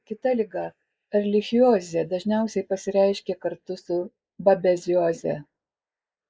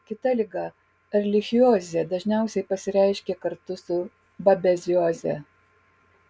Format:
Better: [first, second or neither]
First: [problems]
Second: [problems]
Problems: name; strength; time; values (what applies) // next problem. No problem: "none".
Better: second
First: noise reduction (neural mask model Resemble Enhance denoiser)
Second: none